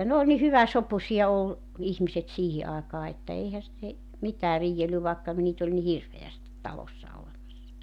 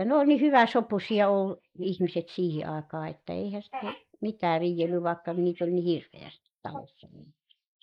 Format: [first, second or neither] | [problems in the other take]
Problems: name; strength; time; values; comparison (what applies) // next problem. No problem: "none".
first | noise reduction (neural mask model Resemble Enhance denoiser)